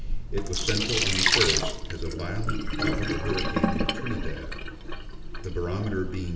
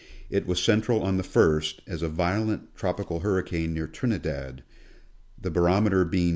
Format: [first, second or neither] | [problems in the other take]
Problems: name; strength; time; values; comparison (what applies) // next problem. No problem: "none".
second | background sound (Sink (filling or washing)); 5 dB above the speech // room echo; dies away in 0.6 s